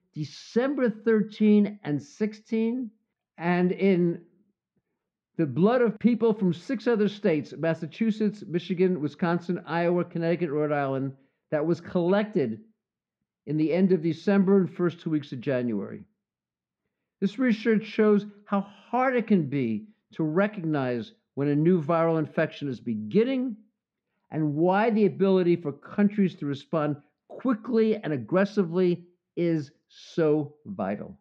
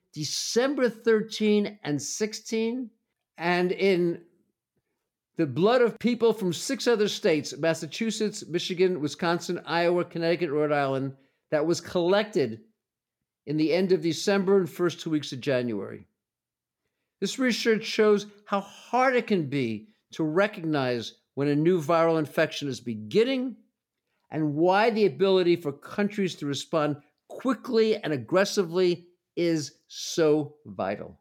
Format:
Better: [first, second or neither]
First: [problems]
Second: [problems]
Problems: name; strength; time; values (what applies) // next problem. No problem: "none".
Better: second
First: muffled; slightly; fading above 2.5 kHz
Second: none